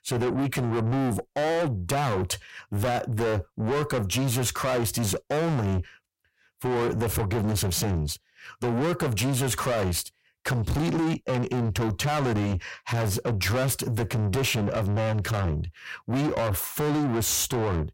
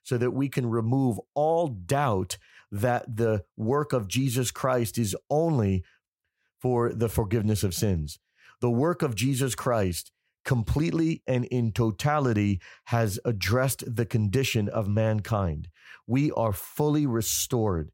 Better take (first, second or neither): second